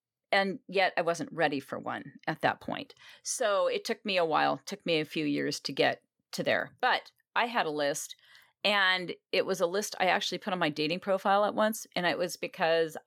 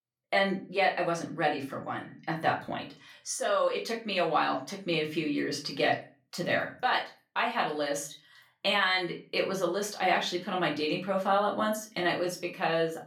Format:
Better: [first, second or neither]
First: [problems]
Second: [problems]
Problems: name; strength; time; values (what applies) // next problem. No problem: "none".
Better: first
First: none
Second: off-mic speech; far // room echo; very slight; dies away in 0.3 s